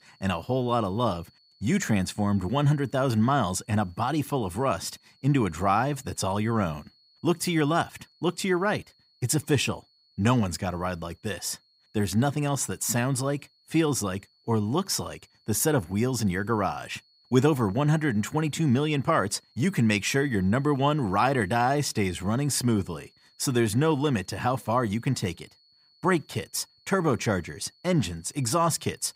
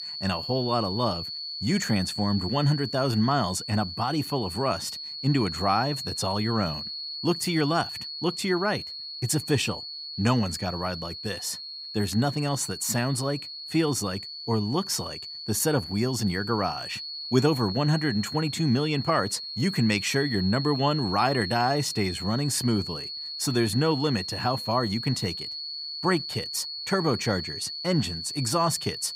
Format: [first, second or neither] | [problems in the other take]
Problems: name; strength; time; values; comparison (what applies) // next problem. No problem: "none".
first | high-pitched whine; loud; throughout; 4.5 kHz, 6 dB below the speech; faint in the first